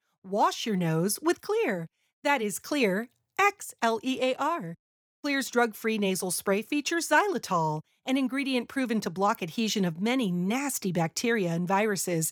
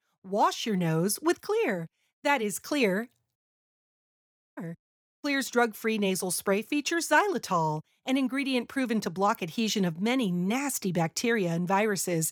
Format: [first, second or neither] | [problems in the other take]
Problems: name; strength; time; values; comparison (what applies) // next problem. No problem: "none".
first | audio cutting out; at 3.5 s for 1 s